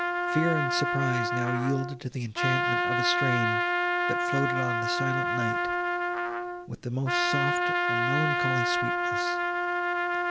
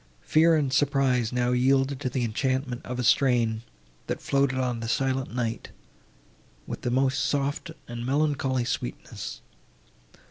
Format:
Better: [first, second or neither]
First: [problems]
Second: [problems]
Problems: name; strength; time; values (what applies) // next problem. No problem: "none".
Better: second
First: background sound (Trumpet); 5 dB above the speech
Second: none